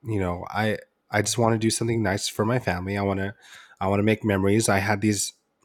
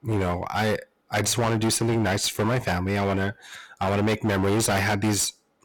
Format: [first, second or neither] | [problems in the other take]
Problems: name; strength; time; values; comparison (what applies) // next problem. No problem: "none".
first | distortion; heavy; 23% of the sound clipped